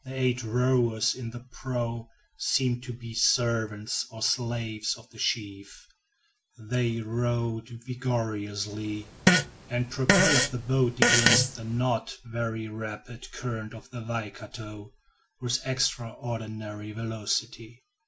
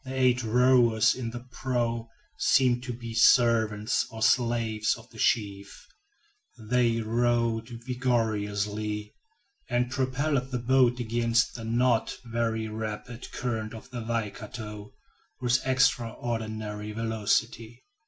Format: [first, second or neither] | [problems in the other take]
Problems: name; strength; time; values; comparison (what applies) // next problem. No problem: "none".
second | background sound (Fart); 5 dB above the speech